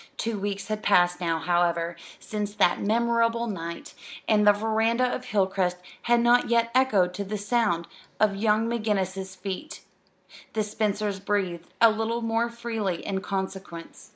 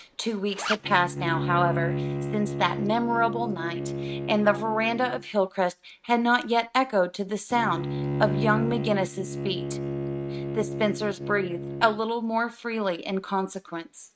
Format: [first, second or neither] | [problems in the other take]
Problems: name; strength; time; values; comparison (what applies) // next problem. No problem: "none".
first | noise reduction (neural mask model RNNoise)